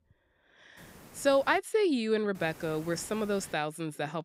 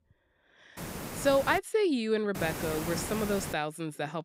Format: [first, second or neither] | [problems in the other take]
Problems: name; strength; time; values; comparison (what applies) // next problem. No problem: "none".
first | hiss; loud; at 1 s and from 2.5 to 3.5 s; 8 dB below the speech; faint in the first